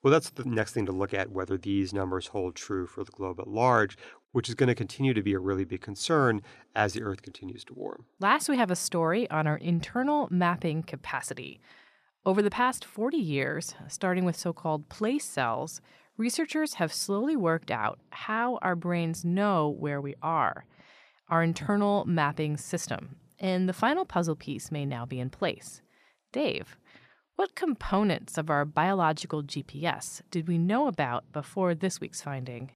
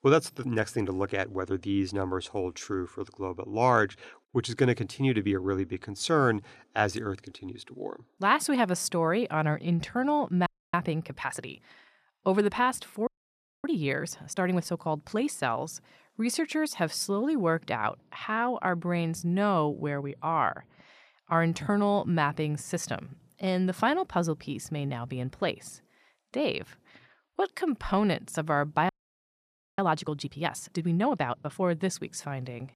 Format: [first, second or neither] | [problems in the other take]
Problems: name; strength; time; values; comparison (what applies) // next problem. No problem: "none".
first | audio freezing; at 10 s, at 13 s for 0.5 s and at 29 s for 1 s